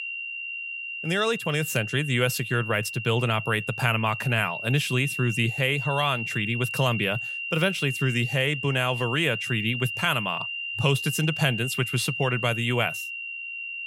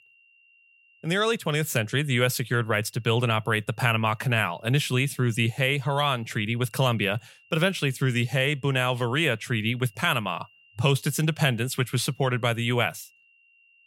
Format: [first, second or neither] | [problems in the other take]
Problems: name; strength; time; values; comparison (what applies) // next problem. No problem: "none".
second | high-pitched whine; loud; throughout; 3 kHz, 5 dB below the speech; faint in the second